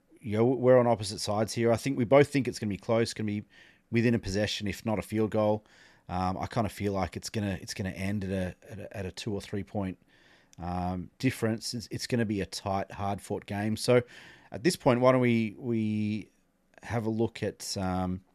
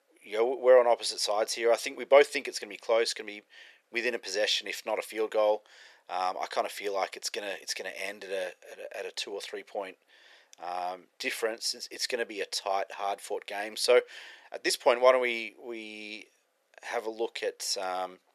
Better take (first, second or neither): first